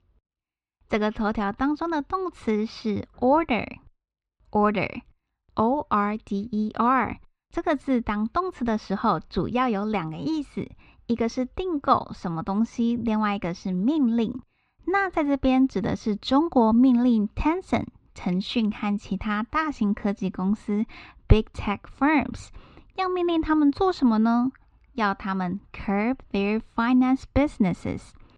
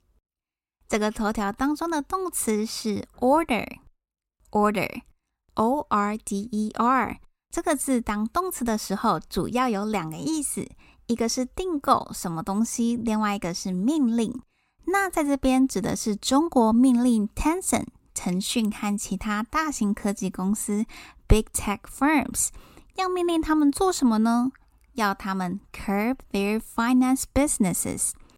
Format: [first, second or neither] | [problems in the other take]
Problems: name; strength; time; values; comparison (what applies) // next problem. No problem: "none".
second | muffled; slightly; fading above 4 kHz